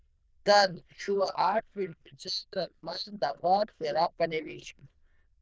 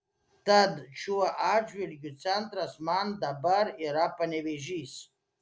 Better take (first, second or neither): second